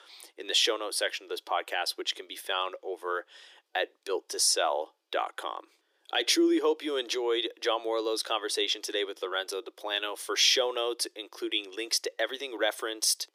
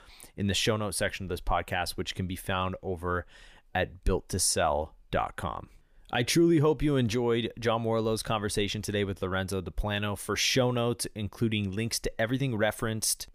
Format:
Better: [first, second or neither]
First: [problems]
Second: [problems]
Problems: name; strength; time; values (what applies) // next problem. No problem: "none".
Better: second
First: thin; very; fading below 300 Hz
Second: none